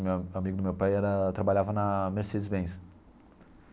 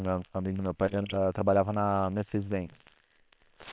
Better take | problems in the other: first | noise reduction (neural separator model SepFormer WHAM!)

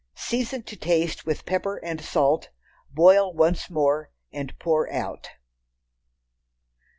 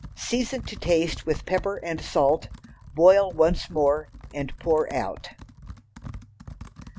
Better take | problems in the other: first | background sound (Computer keyboard); 16 dB below the speech

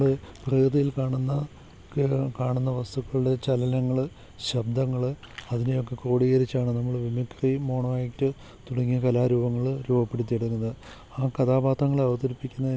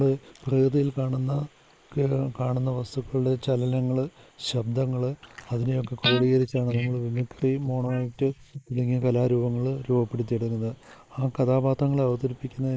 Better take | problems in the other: first | noise reduction (neural mask model Resemble Enhance denoiser)

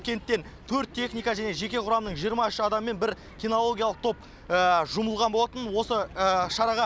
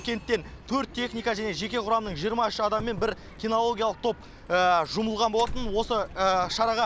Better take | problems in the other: first | background sound (Doorbell); 15 dB below the speech

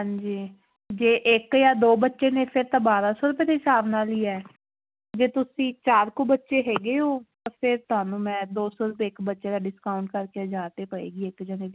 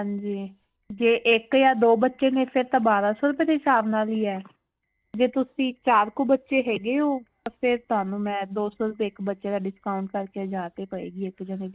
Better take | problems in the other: first | noise reduction (neural mask model DeepFilterNet 3)

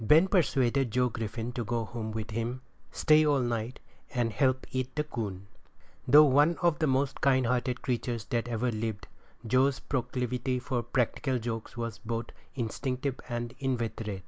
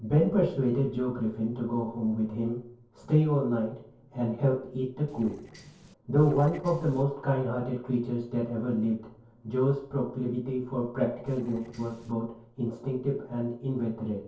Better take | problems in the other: first | noise reduction (neural separator model SepFormer DNS4)

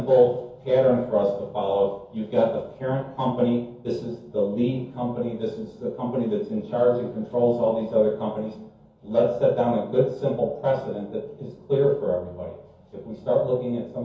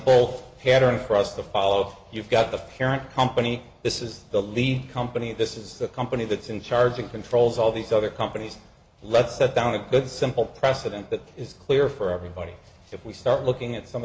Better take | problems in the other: second | room echo; dies away in 0.6 s

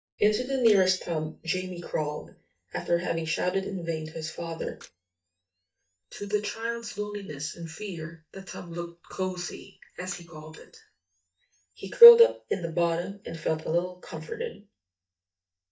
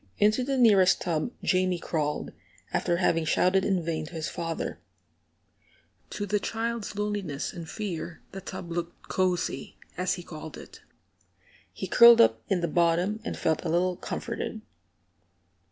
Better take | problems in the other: second | noise reduction (neural mask model DeepFilterNet 3)

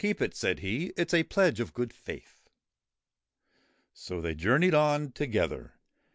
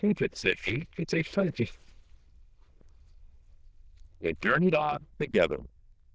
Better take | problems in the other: first | noise reduction (neural diffusion model UNIVERSE++)

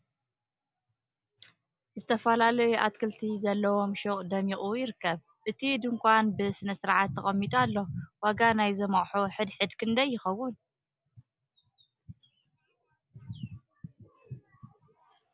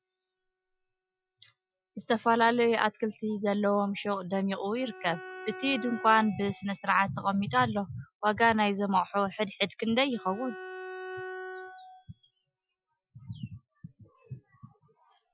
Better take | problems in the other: first | noise reduction (classical method Wiener filter)

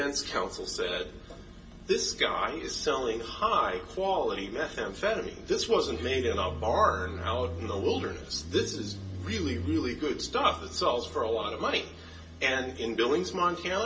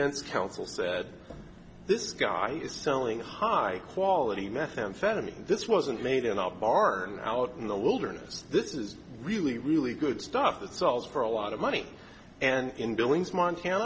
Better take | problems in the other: second | background sound (Motorcycle); 12 dB below the speech // room echo; dies away in 0.2 s

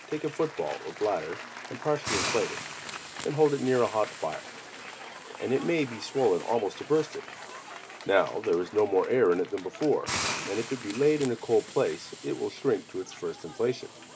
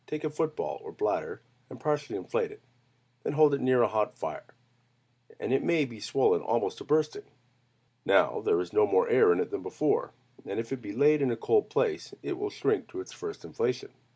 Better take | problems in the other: second | background sound (Hiss + Applause / Cheering); 11 dB below the speech

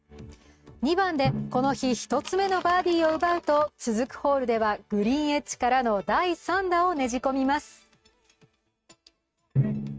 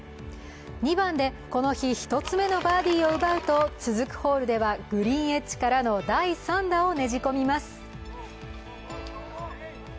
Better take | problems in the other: second | noise reduction (neural mask model RNNoise)

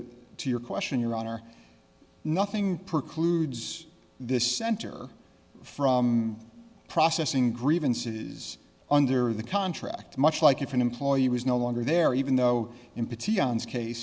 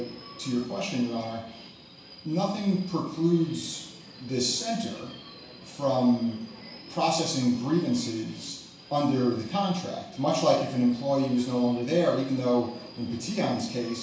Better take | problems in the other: first | background sound (Subway, metro, underground); 19 dB below the speech // room echo; dies away in 0.7 s

